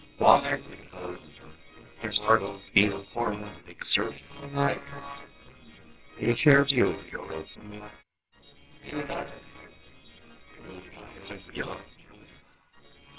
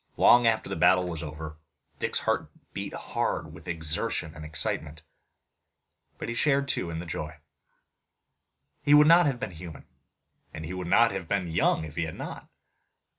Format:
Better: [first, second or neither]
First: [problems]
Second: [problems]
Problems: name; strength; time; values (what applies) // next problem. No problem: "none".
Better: second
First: noise reduction (neural separator model SepFormer WHAMR!)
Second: none